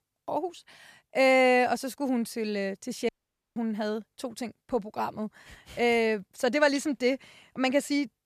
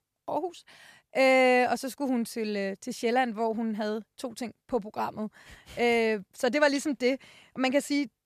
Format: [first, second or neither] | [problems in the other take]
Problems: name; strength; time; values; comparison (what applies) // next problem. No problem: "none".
second | audio cutting out; at 3 s